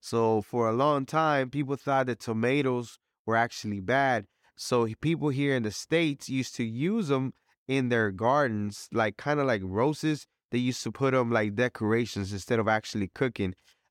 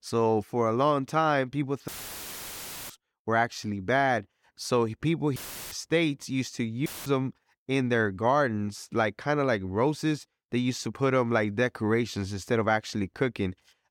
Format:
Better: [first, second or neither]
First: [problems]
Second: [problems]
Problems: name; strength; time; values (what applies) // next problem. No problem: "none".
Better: first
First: none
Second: audio cutting out; filled with static; at 2 s for 1 s, at 5.5 s and at 7 s